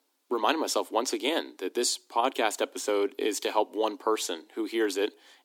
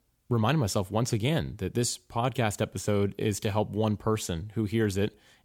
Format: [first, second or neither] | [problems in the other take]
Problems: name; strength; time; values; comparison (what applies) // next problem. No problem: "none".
second | thin; very; fading below 250 Hz